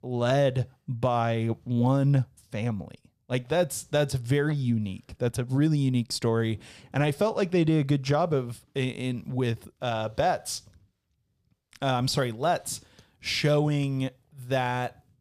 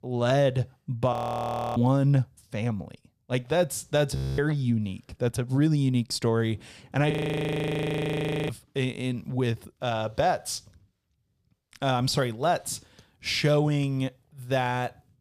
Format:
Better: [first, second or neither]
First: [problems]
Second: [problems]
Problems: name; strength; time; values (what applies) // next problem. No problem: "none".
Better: first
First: none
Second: audio freezing; at 1 s for 0.5 s, at 4 s and at 7 s for 1.5 s